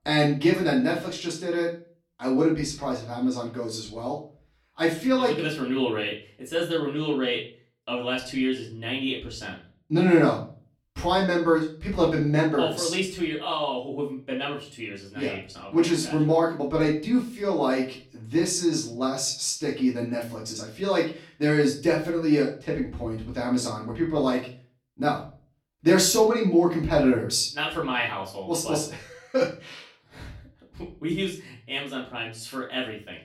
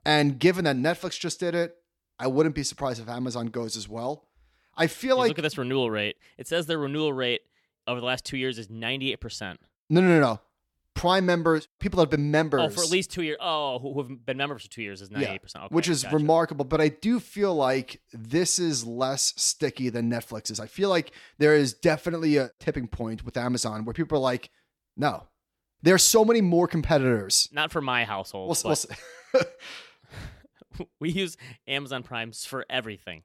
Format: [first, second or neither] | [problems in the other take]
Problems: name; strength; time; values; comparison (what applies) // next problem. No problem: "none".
second | off-mic speech; far // room echo; slight; dies away in 0.4 s